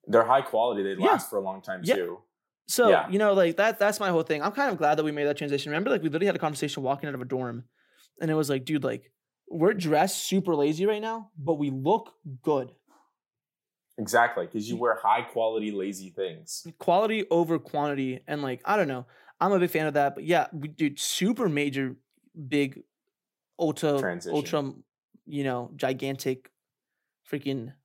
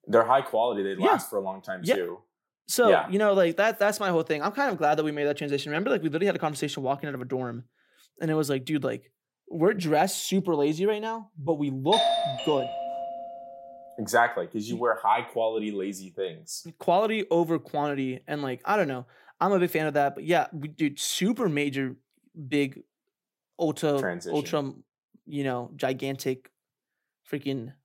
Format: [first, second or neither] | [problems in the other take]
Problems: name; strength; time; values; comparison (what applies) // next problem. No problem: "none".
first | doorbell; loud; from 12 to 13 s; peak 3 dB above the speech